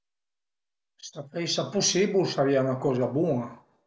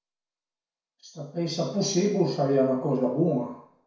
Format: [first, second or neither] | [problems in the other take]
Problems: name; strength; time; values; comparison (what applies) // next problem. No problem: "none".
first | room echo; dies away in 0.6 s